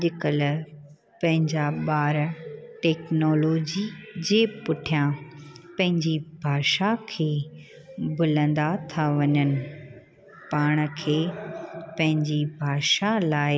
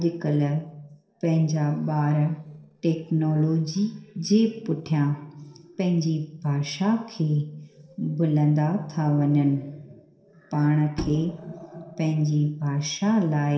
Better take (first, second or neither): first